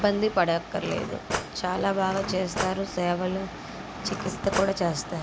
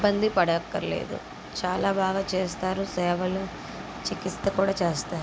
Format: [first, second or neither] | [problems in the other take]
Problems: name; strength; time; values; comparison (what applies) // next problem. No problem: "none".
second | background sound (Cutlery, silverware / Drawer open or close); 8 dB below the speech